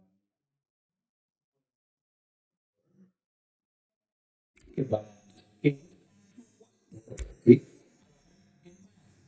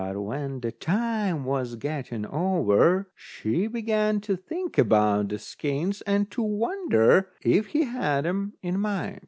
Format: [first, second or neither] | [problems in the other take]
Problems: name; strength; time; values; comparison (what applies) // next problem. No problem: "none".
second | noise reduction (neural mask model DeepFilterNet 3)